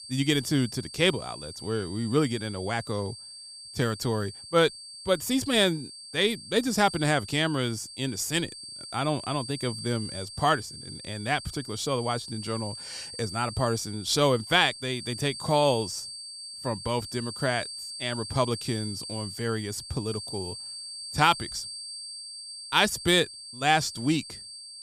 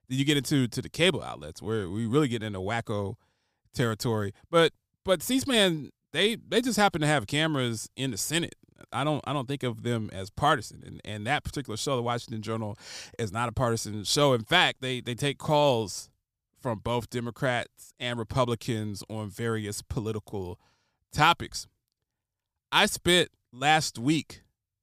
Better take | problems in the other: second | high-pitched whine; noticeable; throughout; 4.5 kHz, 10 dB below the speech

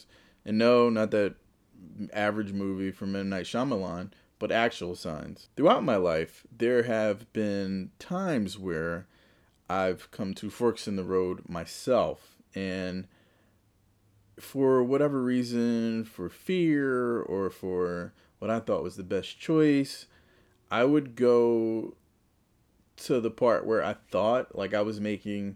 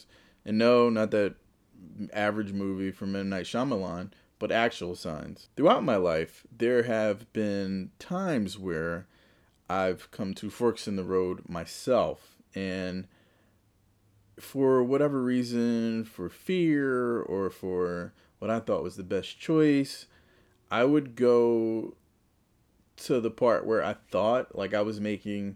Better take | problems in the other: neither | none

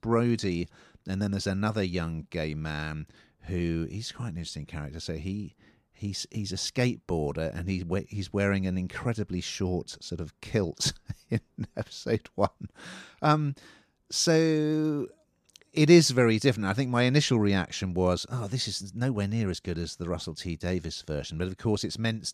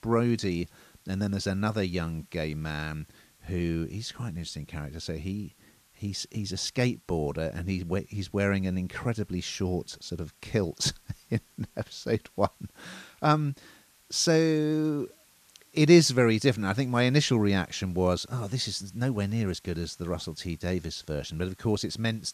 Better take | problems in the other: first | hiss; faint; throughout; 30 dB below the speech

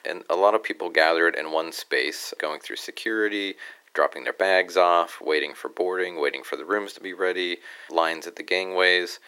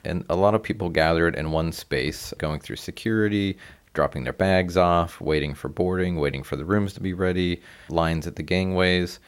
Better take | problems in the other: second | thin; very; fading below 350 Hz

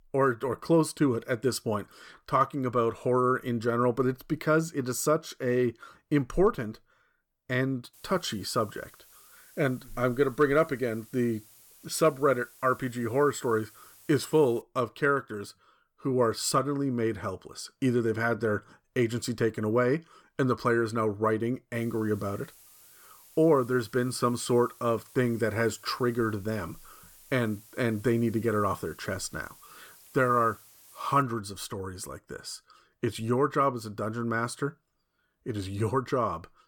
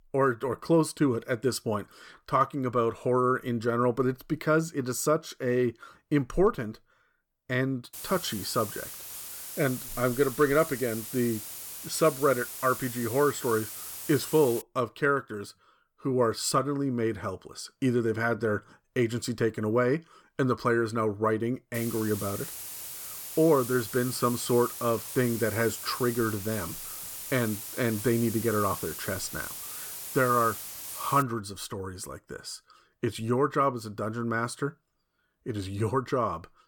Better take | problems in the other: first | hiss; loud; from 8 to 15 s and from 22 to 31 s; 9 dB below the speech; faint in the first

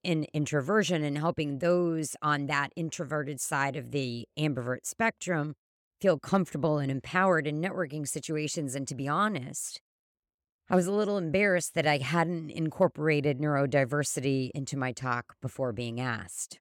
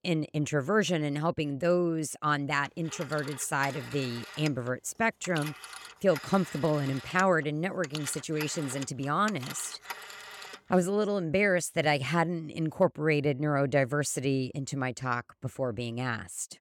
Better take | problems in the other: first | phone ringing; noticeable; from 2.5 to 11 s; peak 10 dB below the speech

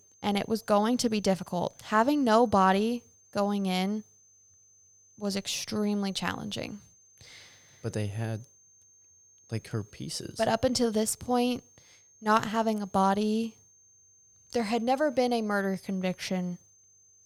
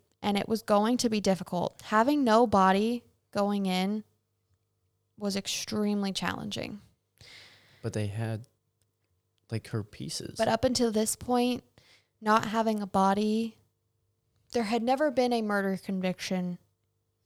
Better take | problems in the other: second | high-pitched whine; faint; throughout; 6.5 kHz, 30 dB below the speech

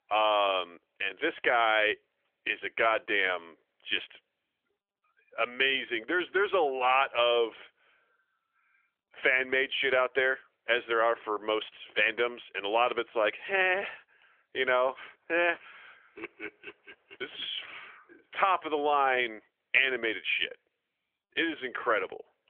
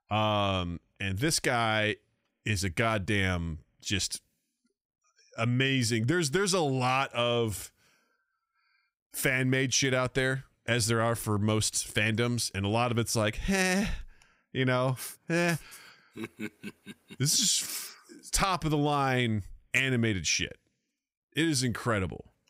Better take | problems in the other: second | phone-call audio; nothing above 3.5 kHz

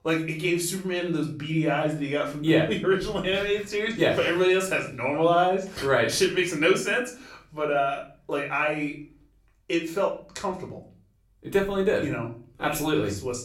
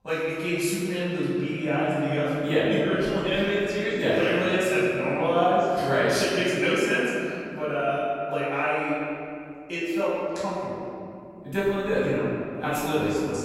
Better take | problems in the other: first | room echo; strong; dies away in 2.4 s; slight in the first // off-mic speech; far; somewhat distant in the first

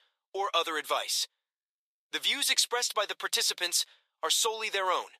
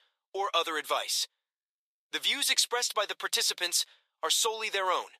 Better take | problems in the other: neither | thin; very; fading below 550 Hz; the same in both

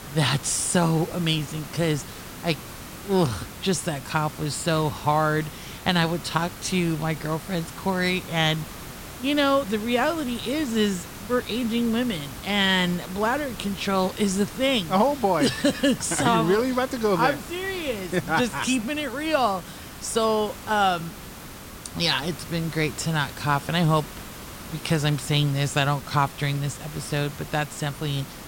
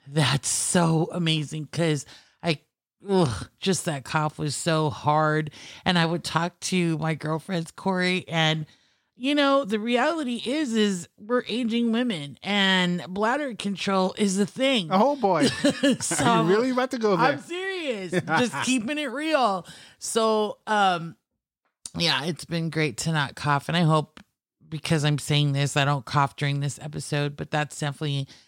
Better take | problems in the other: second | hiss; noticeable; throughout; 15 dB below the speech

